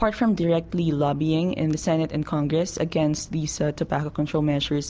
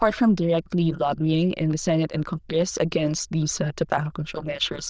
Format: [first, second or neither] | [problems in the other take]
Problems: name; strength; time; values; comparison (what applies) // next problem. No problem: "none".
first | noise reduction (neural diffusion model UNIVERSE++)